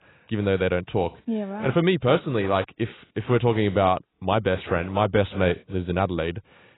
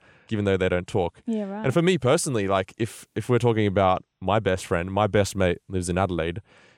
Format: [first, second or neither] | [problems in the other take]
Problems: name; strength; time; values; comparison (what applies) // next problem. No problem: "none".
second | garbled, watery; badly; nothing above 4 kHz